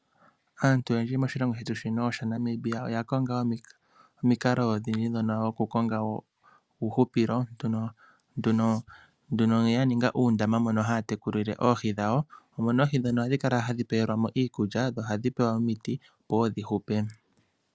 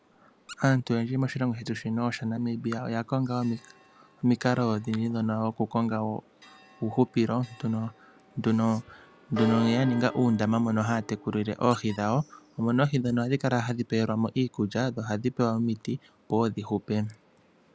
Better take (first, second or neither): first